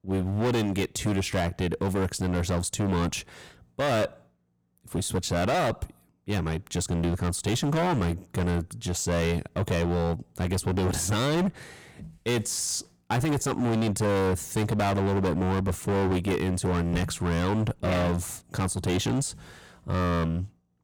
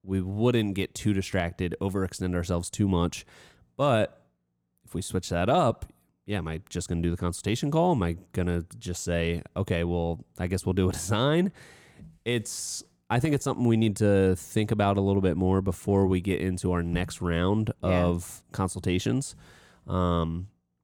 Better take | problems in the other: second | distortion; heavy; 22% of the sound clipped

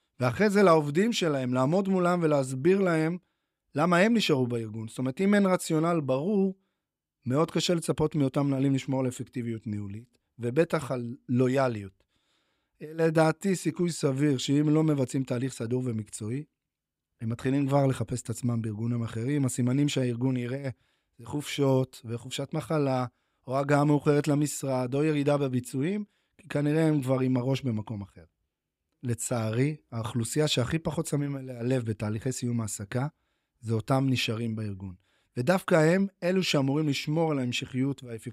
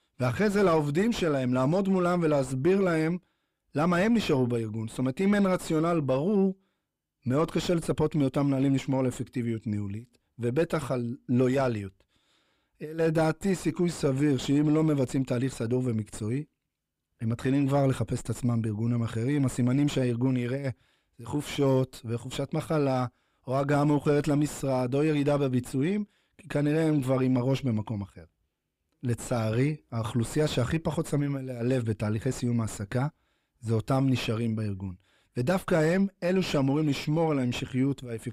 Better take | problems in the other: first | distortion; slight; 9 dB below the speech

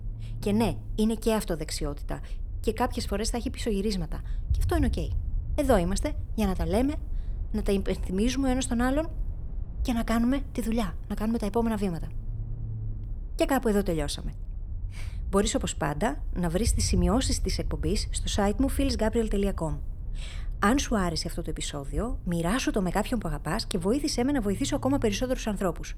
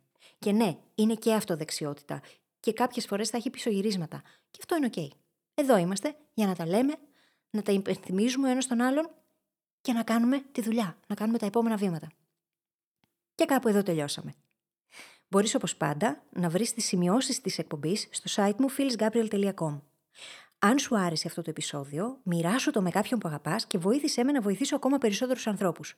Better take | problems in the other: second | low rumble; faint; throughout; 25 dB below the speech

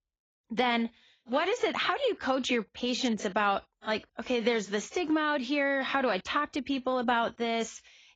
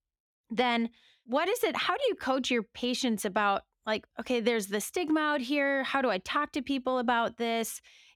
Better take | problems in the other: second | garbled, watery; badly; nothing above 7.5 kHz

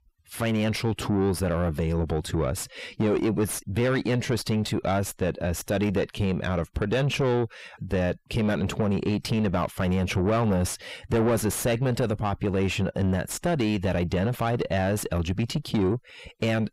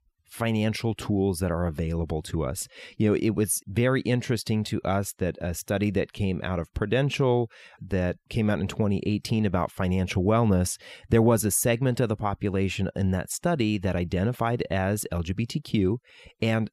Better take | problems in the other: second | distortion; heavy; 6 dB below the speech

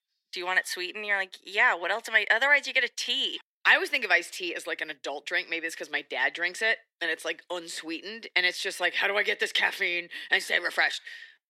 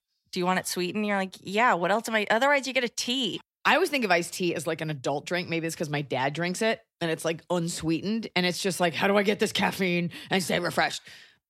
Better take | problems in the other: second | thin; very; fading below 350 Hz

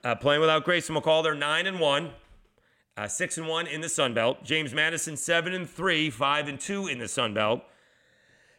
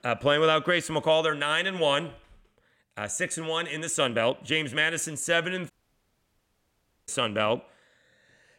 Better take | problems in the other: first | audio cutting out; at 5.5 s for 1.5 s

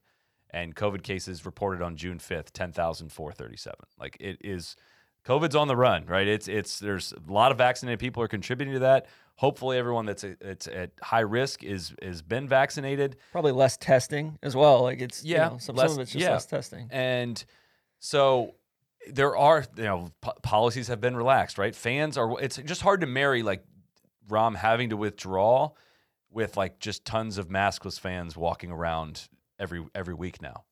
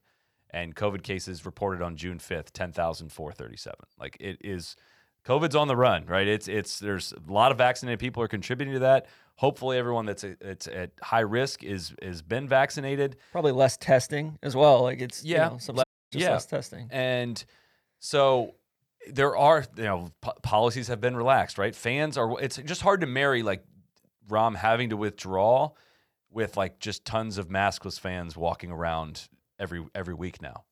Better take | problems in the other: first | audio cutting out; at 16 s

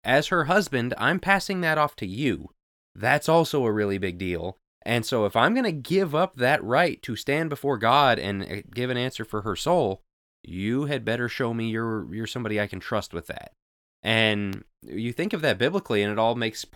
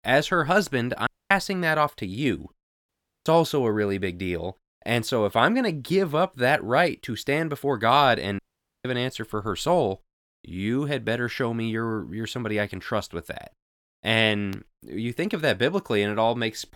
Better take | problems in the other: first | audio cutting out; at 1 s, at 3 s and at 8.5 s

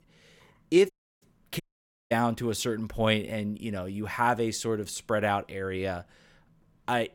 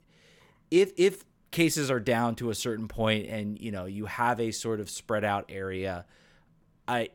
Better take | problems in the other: second | audio cutting out; at 1 s and at 1.5 s for 0.5 s

